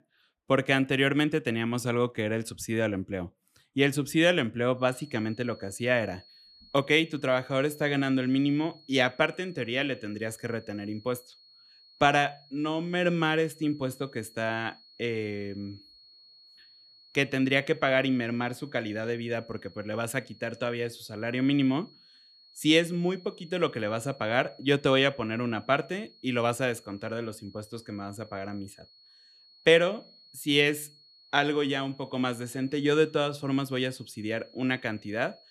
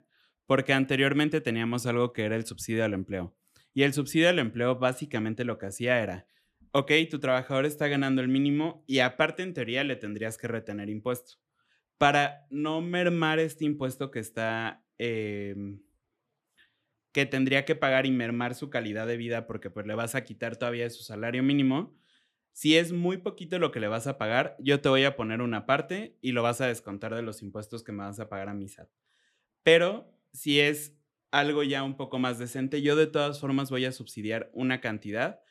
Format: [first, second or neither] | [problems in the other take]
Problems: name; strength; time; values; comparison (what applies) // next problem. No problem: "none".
second | high-pitched whine; faint; from 5 s on; 4.5 kHz, 25 dB below the speech